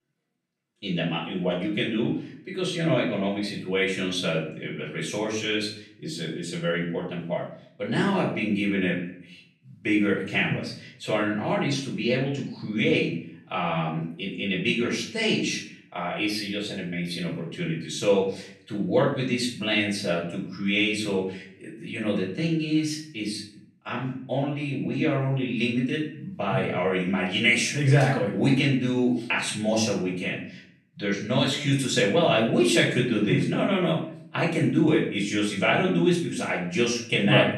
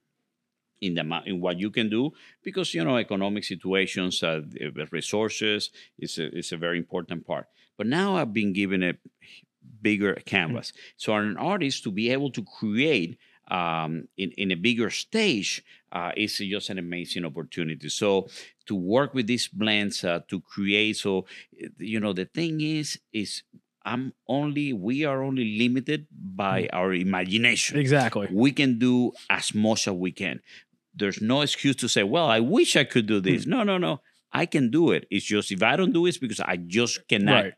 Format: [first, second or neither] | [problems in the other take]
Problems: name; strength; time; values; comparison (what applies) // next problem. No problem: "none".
second | off-mic speech; far // room echo; noticeable; dies away in 0.5 s